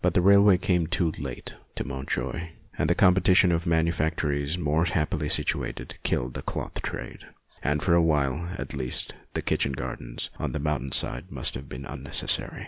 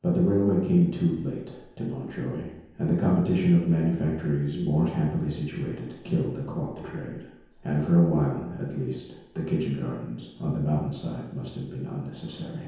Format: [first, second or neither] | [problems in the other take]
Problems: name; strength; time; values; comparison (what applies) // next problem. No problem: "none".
first | room echo; dies away in 0.9 s